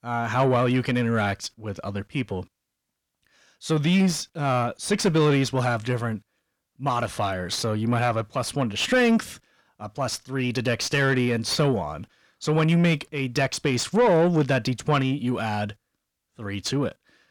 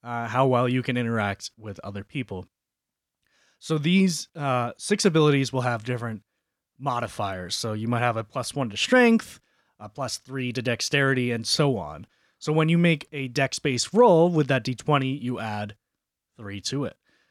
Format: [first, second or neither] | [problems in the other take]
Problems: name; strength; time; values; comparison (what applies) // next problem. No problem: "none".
second | distortion; slight; 10 dB below the speech